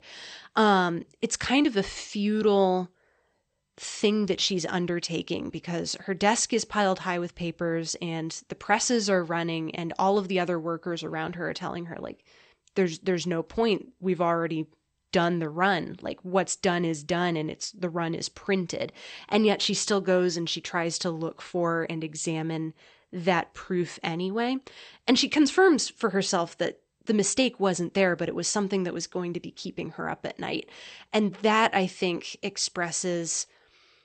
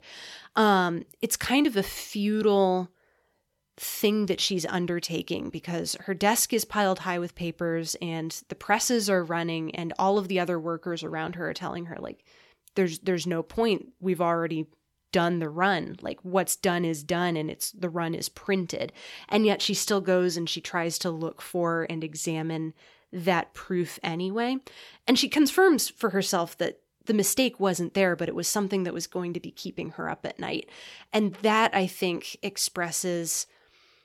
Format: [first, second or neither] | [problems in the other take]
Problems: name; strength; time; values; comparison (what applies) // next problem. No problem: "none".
second | garbled, watery; slightly; nothing above 8.5 kHz